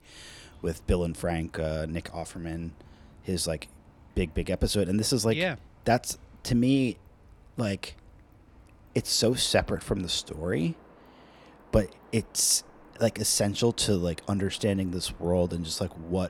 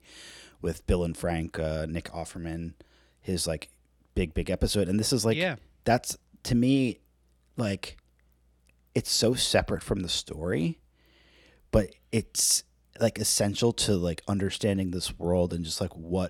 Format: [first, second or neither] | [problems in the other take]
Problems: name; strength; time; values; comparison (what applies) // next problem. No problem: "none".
second | rain or running water; faint; throughout; 25 dB below the speech